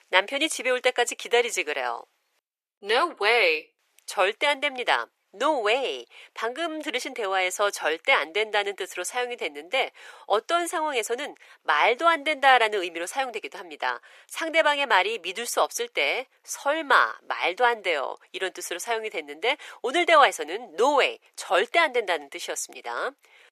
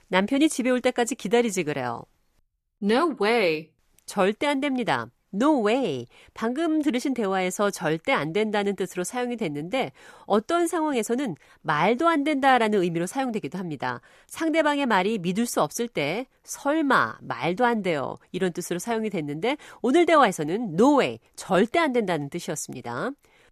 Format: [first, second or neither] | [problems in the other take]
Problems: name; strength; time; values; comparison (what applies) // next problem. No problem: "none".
second | thin; very; fading below 450 Hz